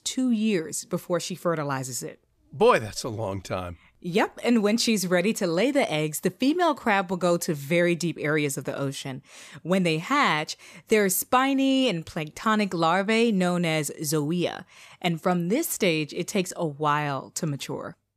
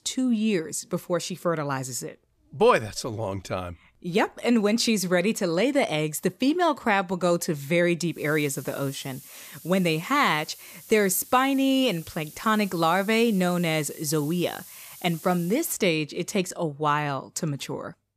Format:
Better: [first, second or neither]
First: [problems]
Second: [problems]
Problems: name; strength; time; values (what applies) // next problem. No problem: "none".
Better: first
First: none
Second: hiss; noticeable; from 8 to 16 s; 20 dB below the speech